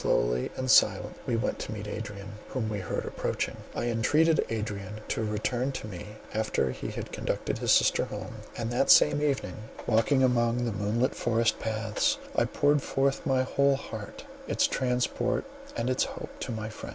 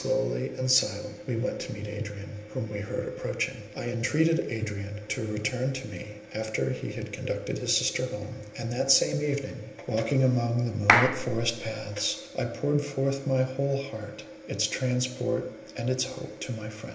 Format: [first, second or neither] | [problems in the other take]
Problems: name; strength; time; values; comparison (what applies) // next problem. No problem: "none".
first | background sound (Clapping); 2 dB above the speech // room echo; dies away in 0.8 s